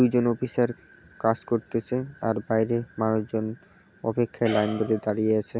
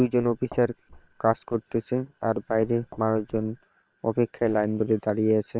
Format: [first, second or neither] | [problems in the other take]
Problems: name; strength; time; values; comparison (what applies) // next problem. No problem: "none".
first | noise reduction (neural separator model SepFormer WHAM!)